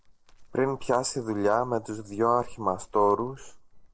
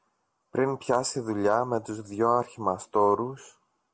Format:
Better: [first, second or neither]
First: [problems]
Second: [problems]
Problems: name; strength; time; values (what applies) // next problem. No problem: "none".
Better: second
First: noise reduction (neural separator model SepFormer DNS4)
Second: none